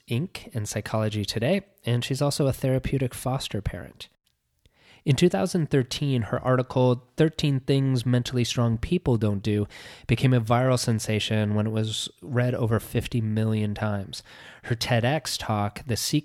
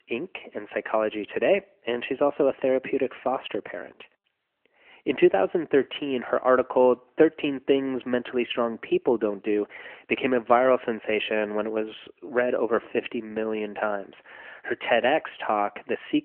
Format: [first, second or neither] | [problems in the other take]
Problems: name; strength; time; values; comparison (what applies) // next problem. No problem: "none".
first | phone-call audio; nothing above 3 kHz